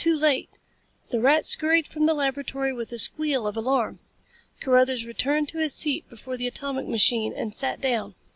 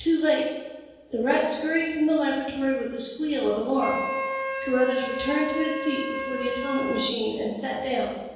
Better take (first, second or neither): first